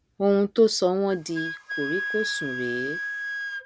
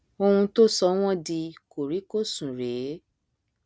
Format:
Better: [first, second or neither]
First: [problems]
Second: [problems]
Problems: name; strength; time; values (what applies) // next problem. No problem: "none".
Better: second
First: background sound (Wind instrument, woodwind instrument); 7 dB below the speech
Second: none